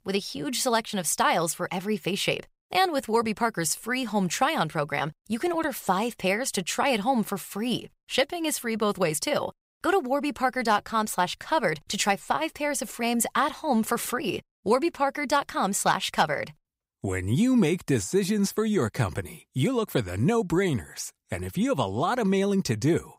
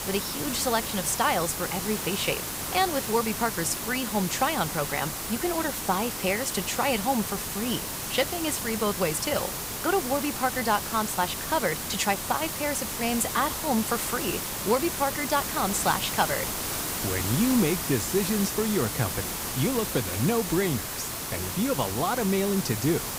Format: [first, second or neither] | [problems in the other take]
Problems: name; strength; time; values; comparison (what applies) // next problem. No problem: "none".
first | hiss; loud; throughout; 3 dB below the speech